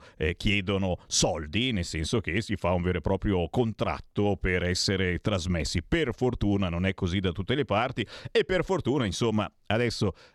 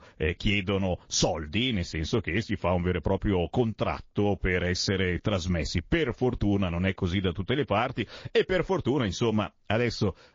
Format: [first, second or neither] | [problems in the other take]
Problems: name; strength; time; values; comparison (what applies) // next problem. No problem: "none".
first | garbled, watery; slightly; nothing above 6.5 kHz